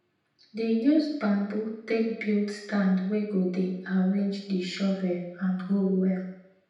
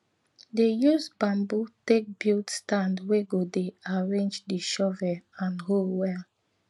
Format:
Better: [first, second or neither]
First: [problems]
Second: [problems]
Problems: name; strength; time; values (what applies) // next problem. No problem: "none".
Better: second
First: room echo; dies away in 0.9 s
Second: none